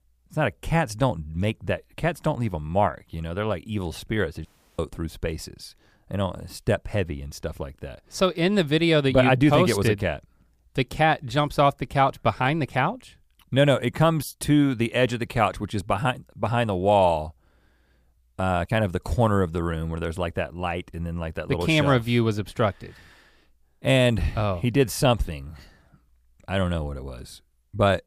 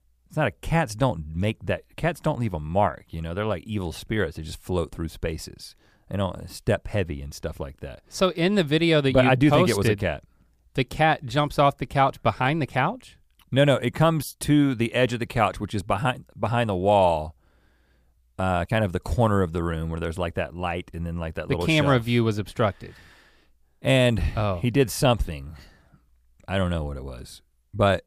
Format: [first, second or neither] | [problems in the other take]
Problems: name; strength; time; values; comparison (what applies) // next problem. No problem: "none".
second | audio cutting out; at 4.5 s